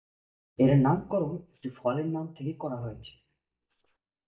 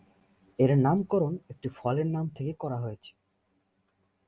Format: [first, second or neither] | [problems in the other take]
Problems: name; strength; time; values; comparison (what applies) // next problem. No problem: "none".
second | noise reduction (neural mask model DeepFilterNet 3)